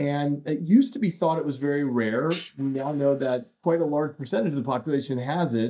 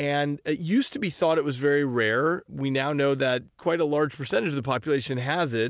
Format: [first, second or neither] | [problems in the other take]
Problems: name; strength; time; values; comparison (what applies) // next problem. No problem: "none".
second | noise reduction (neural mask model DeepFilterNet 3)